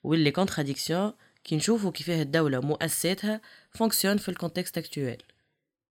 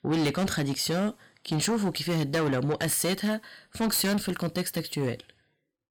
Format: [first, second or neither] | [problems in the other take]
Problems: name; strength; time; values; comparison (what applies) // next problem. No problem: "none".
first | distortion; heavy; 7 dB below the speech